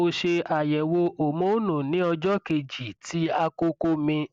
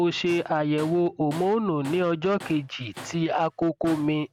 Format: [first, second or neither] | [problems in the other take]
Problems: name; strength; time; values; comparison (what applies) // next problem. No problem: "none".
first | background sound (Tools); 20 dB below the speech